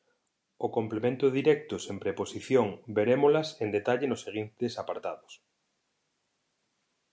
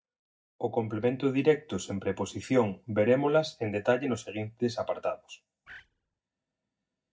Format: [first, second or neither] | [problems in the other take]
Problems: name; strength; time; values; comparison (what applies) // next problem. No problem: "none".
first | noise reduction (neural mask model DeepFilterNet 3)